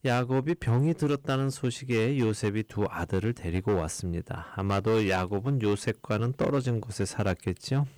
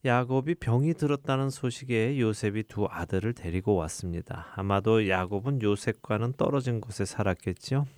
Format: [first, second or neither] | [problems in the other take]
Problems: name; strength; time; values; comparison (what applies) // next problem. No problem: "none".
second | distortion; slight; 7% of the sound clipped